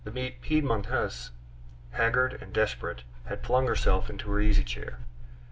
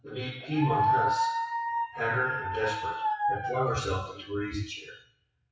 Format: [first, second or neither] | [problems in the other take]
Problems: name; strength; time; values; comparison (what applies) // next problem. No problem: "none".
first | noise reduction (classical method WPE with log-MMSE)